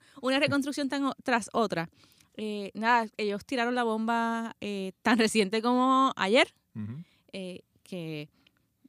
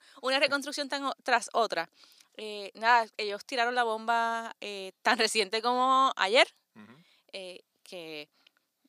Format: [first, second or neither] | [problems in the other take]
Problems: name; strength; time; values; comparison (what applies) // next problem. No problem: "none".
first | thin; somewhat; fading below 450 Hz